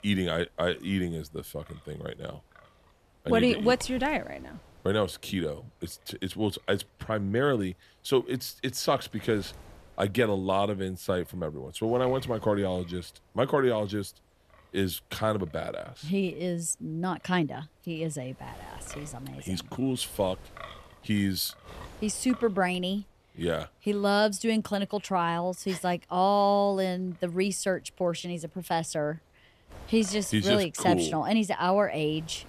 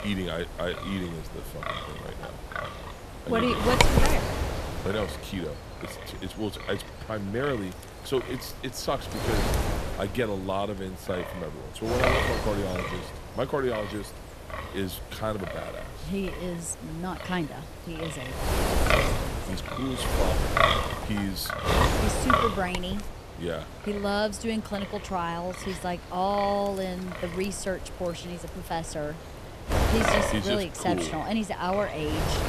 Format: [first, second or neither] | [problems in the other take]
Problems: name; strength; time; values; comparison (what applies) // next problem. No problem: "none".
first | wind noise on the microphone; heavy; 2 dB above the speech; occasional gusts in the first